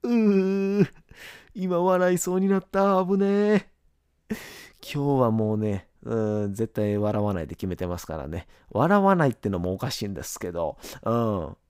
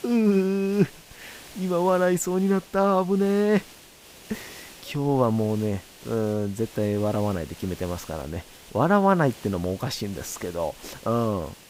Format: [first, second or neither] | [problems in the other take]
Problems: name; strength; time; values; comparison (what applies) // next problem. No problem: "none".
first | hiss; noticeable; throughout; 20 dB below the speech